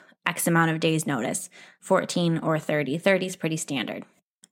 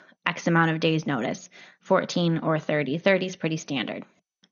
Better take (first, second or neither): first